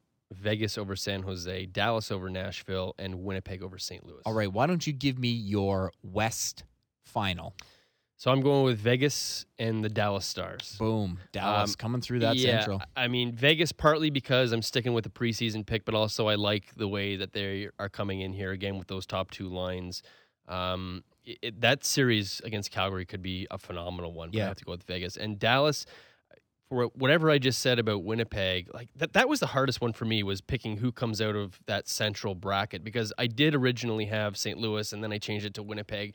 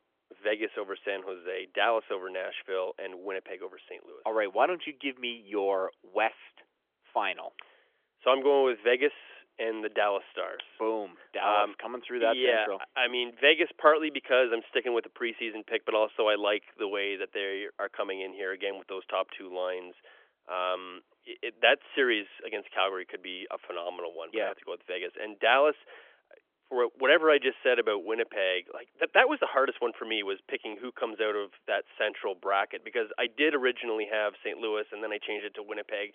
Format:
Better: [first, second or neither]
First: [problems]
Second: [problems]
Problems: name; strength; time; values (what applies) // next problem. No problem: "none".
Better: first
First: none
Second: phone-call audio; nothing above 3.5 kHz